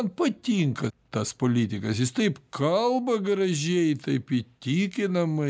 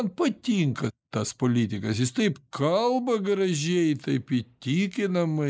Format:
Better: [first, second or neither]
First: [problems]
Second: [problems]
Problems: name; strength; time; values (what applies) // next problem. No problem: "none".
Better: first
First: none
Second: noise reduction (neural mask model Resemble Enhance denoiser)